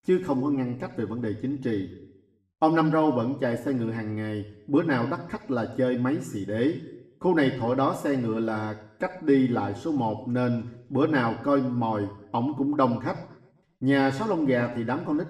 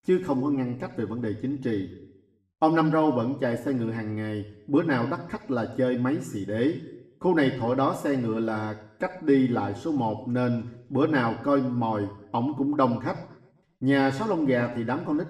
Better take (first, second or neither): neither